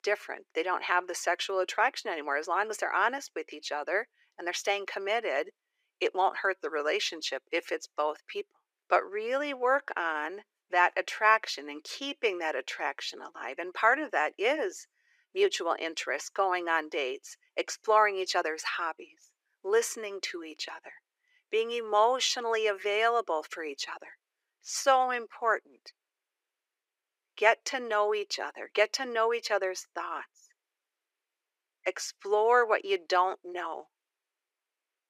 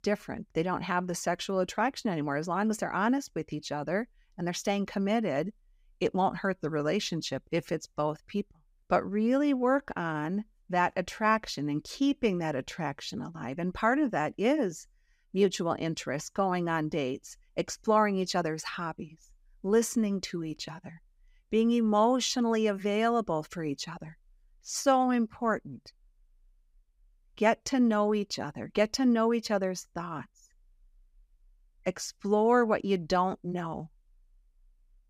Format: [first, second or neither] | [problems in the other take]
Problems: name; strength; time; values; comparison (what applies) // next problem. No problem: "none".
second | thin; very; fading below 350 Hz